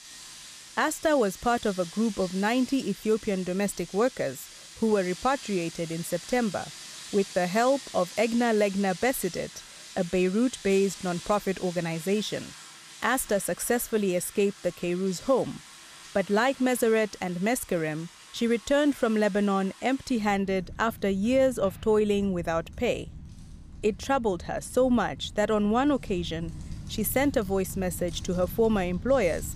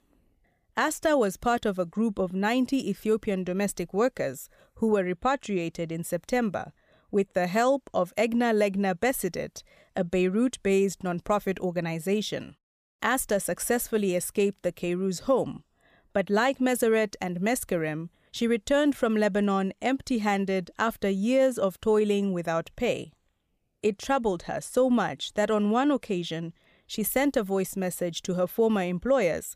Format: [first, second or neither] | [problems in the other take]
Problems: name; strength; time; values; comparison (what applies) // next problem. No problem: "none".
second | household noises; noticeable; throughout; 15 dB below the speech